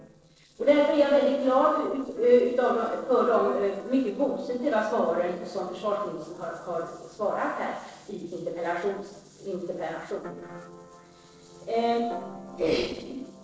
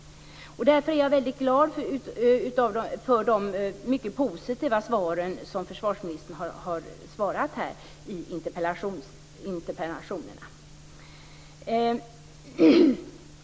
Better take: second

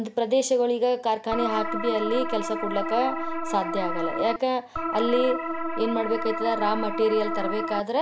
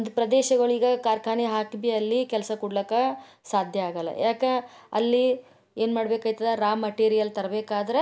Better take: second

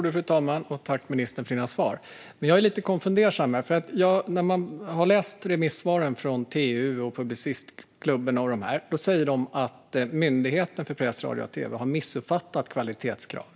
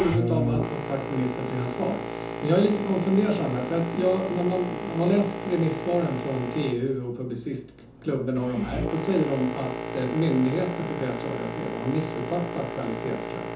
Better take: first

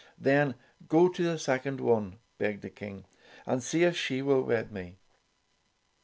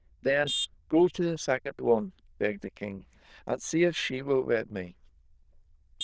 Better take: first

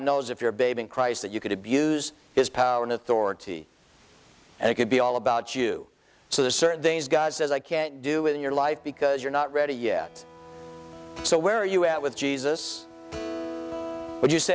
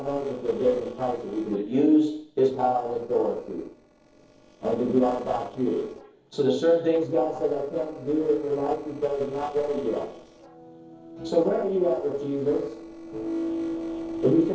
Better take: first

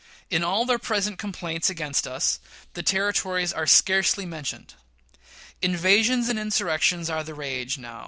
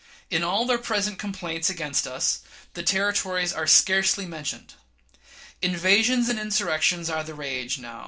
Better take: first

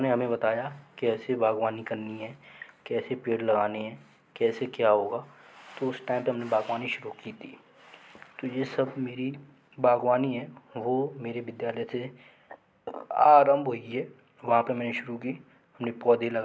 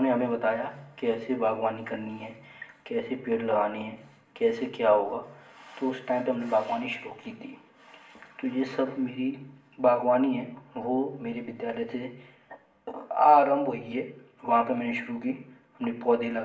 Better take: first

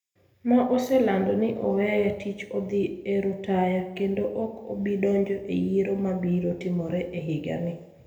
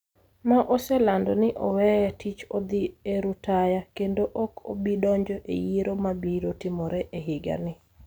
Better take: second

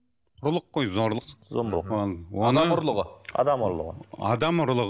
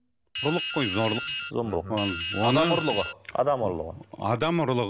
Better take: first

